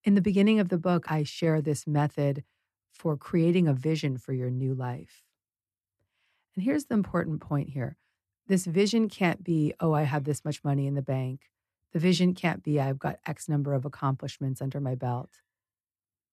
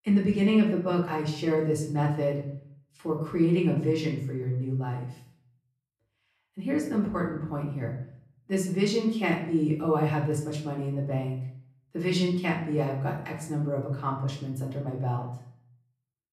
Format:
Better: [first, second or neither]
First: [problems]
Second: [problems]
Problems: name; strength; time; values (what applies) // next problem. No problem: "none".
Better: first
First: none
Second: off-mic speech; far // room echo; slight; dies away in 0.5 s